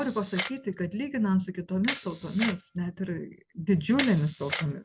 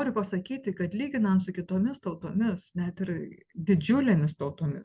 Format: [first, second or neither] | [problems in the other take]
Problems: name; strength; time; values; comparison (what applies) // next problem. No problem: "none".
second | background sound (Camera); 10 dB below the speech